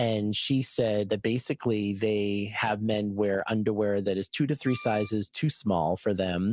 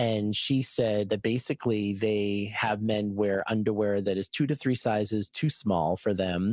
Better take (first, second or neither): second